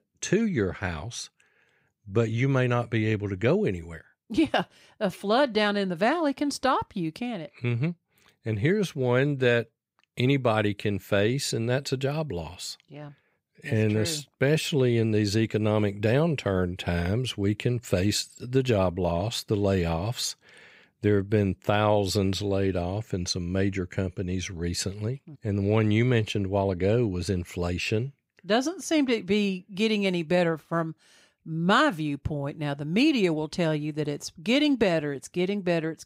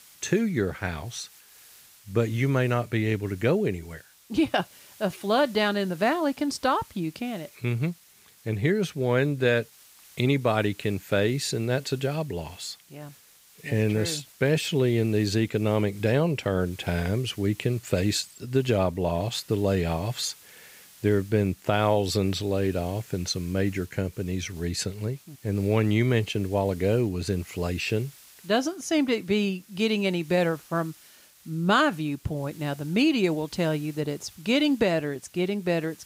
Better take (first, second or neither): first